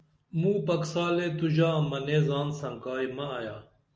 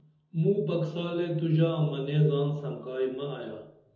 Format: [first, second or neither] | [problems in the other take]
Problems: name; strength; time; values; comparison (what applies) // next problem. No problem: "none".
first | room echo; dies away in 0.9 s